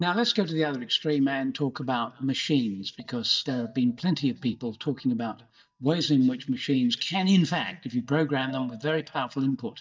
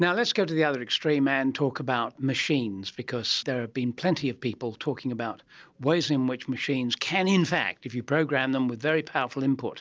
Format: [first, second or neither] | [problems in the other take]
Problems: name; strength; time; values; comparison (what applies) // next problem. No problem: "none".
second | noise reduction (neural mask model DeepFilterNet 3)